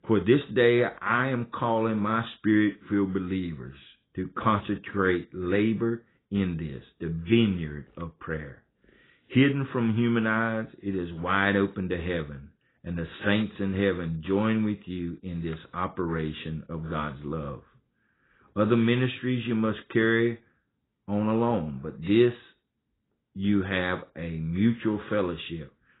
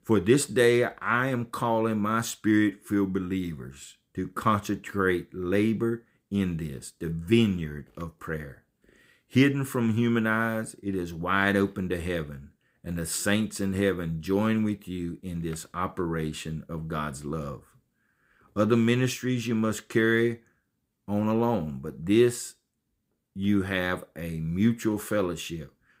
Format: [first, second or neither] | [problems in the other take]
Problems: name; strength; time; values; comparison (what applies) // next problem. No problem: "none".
second | garbled, watery; badly; nothing above 4 kHz